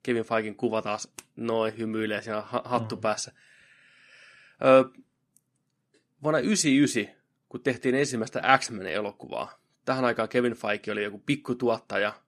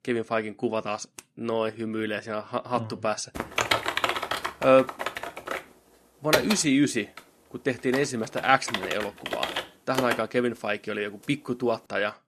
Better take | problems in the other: first | keyboard typing; loud; from 3.5 to 10 s; peak 3 dB above the speech

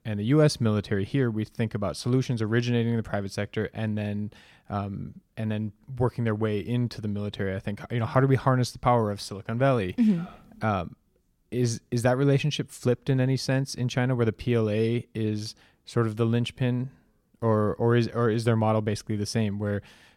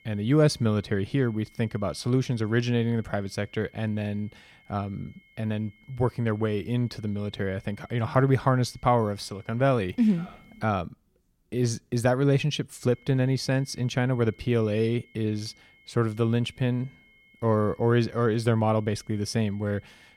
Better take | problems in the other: first | high-pitched whine; faint; until 11 s and from 13 s on; 2 kHz, 30 dB below the speech

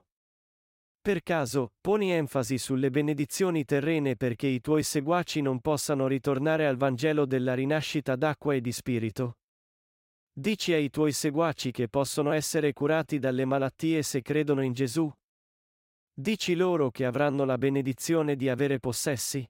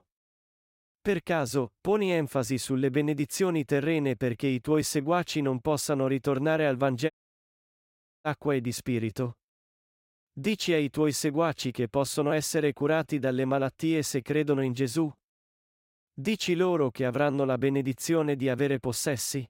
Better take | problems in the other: first | audio cutting out; at 7 s for 1 s

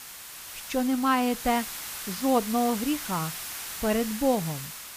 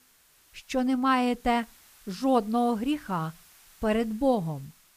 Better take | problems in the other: second | hiss; loud; throughout; 8 dB below the speech; faint in the second

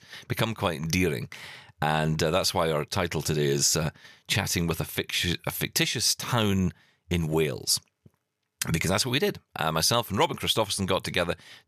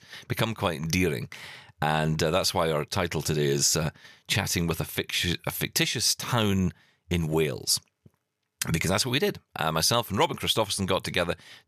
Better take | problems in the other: neither | none

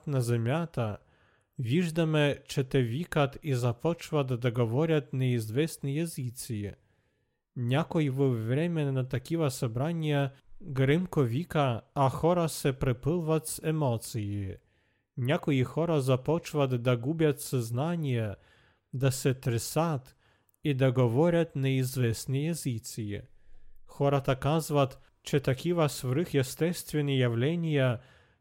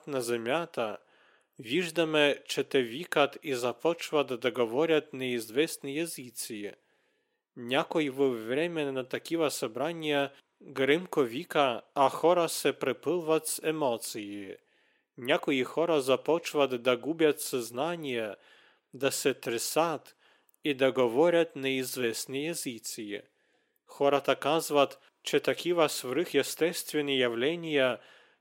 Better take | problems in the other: first | thin; somewhat; fading below 300 Hz

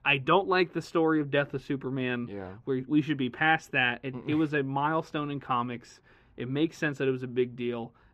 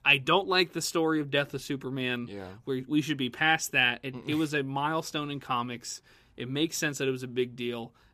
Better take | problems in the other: second | muffled; slightly; fading above 4 kHz

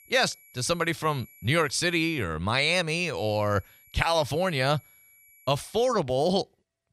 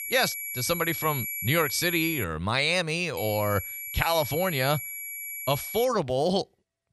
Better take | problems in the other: first | high-pitched whine; loud; until 2 s and from 3 to 6 s; 2.5 kHz, 6 dB below the speech; faint in the first

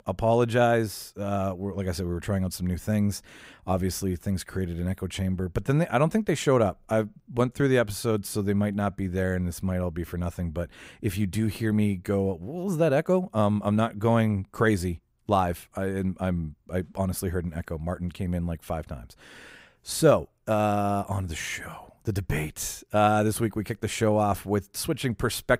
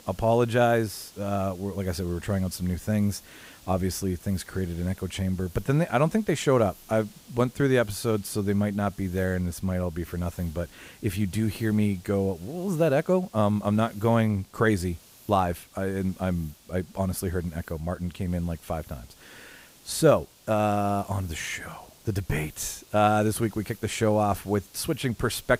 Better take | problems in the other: first | hiss; faint; throughout; 25 dB below the speech

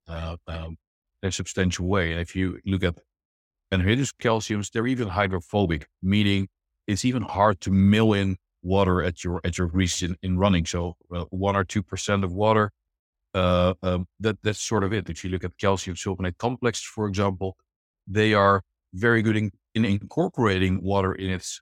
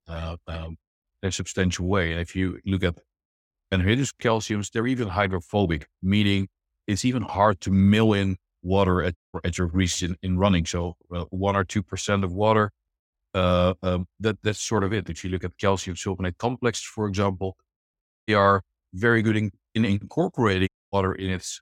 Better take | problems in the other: first | audio cutting out; at 9 s, at 18 s and at 21 s

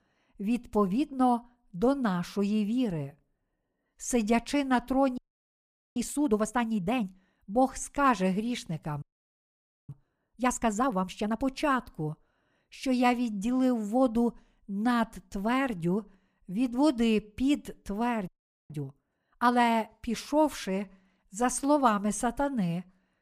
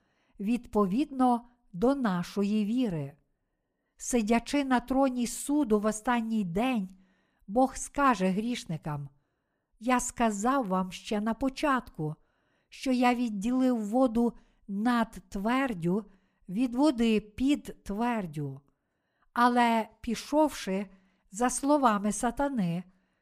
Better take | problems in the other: second | audio freezing; at 5 s for 1 s, at 9 s for 1 s and at 18 s

